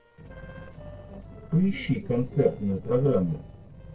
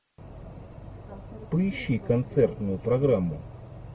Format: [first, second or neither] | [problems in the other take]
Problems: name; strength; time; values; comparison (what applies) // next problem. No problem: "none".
second | noise reduction (neural separator model SepFormer DNS4)